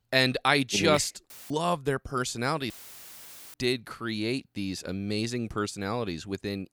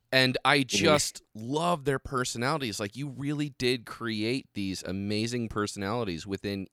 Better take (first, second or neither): second